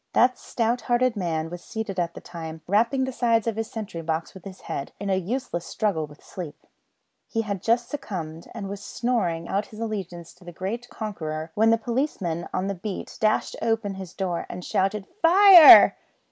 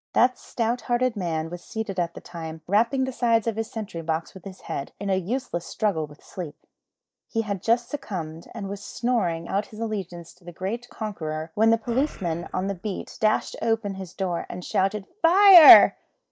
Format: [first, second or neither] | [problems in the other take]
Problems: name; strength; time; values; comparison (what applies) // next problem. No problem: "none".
first | noise reduction (neural mask model DeepFilterNet 3)